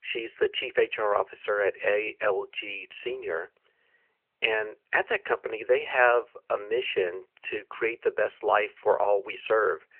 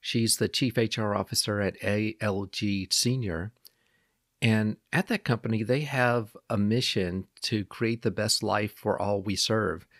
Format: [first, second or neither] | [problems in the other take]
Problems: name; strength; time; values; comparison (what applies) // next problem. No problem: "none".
second | phone-call audio; nothing above 3 kHz